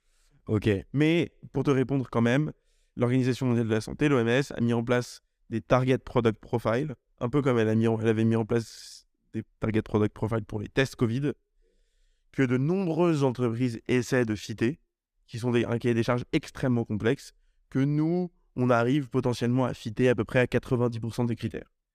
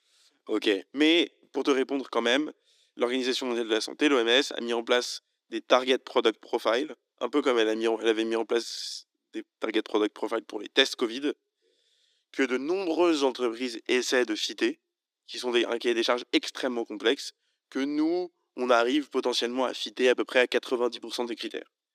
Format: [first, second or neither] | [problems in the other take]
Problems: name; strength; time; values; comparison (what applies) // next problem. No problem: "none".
first | thin; somewhat; fading below 300 Hz